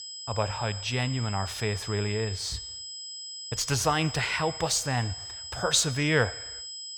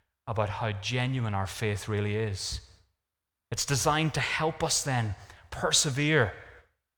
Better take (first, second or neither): second